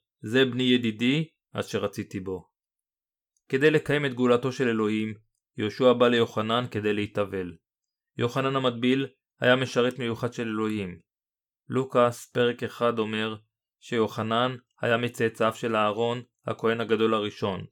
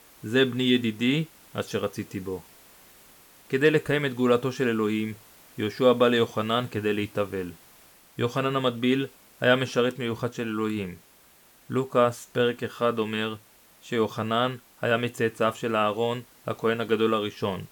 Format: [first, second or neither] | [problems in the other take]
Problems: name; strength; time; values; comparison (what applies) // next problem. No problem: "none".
first | hiss; faint; throughout; 25 dB below the speech